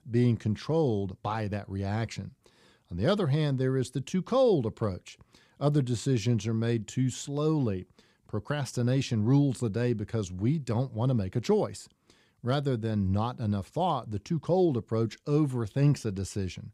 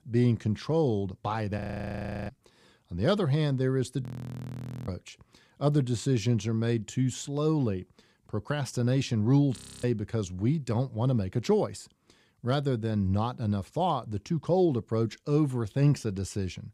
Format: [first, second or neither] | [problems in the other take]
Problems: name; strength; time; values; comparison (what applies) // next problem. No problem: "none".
first | audio freezing; at 1.5 s for 0.5 s, at 4 s for 1 s and at 9.5 s